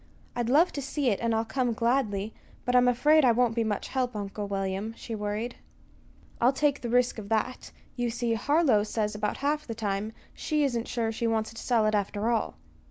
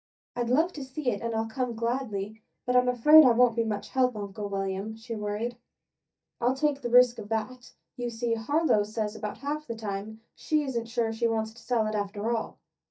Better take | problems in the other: first | noise reduction (neural mask model DeepFilterNet 3)

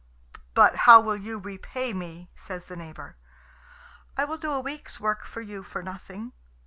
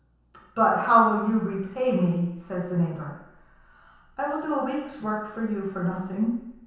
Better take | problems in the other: first | room echo; dies away in 0.9 s

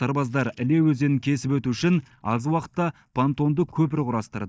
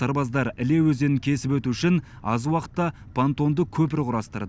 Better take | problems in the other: second | noise reduction (neural mask model DeepFilterNet 3)

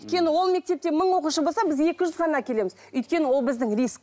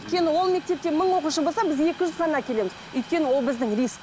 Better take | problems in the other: first | background sound (Train); 18 dB below the speech

